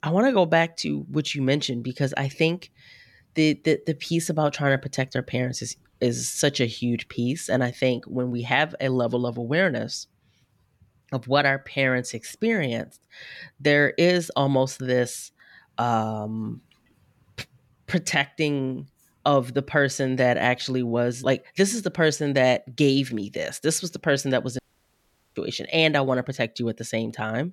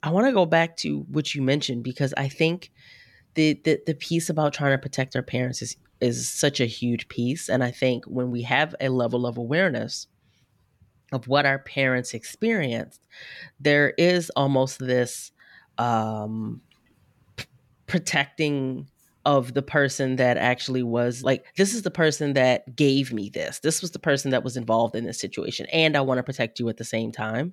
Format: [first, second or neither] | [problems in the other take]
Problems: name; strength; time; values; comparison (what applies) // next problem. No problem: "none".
second | audio cutting out; at 25 s for 1 s